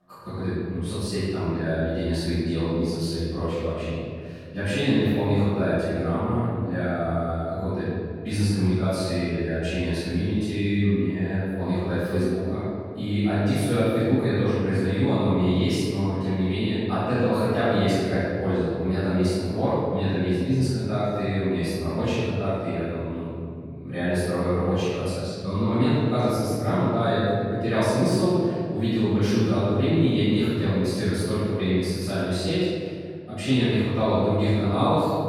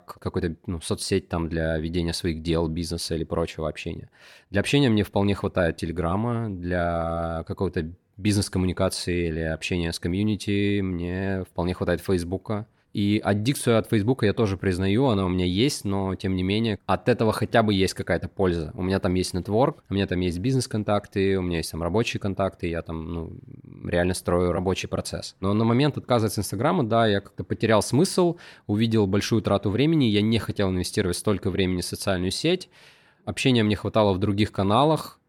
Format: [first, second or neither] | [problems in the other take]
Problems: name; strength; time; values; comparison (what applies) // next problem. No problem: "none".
second | off-mic speech; far // room echo; strong; dies away in 2 s